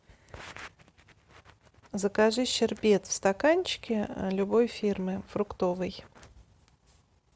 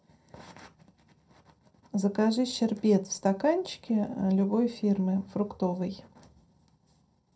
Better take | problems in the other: first | room echo; dies away in 0.2 s

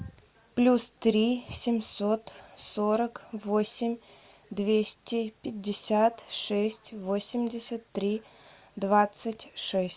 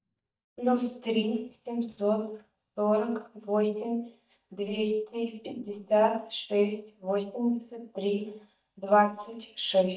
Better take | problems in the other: first | noise reduction (neural mask model DeepFilterNet 3)

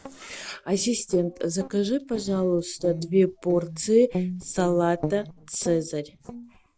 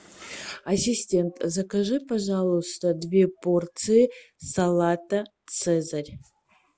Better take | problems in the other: second | noise reduction (neural separator model SepFormer DNS4)

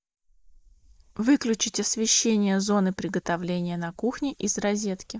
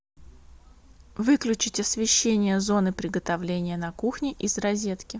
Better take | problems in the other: second | noise reduction (neural mask model Resemble Enhance denoiser)

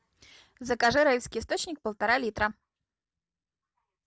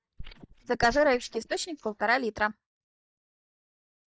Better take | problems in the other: first | noise reduction (neural mask model DeepFilterNet 3)

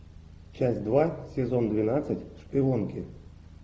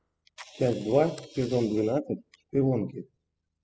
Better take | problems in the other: first | noise reduction (classical method spectral subtraction)

